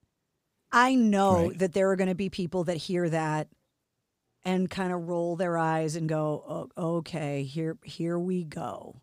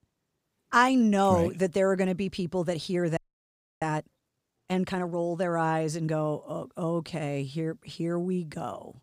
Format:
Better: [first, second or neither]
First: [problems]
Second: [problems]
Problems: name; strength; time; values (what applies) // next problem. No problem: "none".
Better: first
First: none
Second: audio freezing; at 3 s for 0.5 s